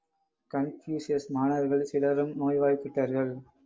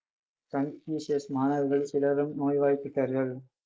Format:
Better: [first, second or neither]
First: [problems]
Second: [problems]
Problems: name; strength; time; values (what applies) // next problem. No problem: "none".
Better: first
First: none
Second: noise reduction (neural mask model Resemble Enhance denoiser)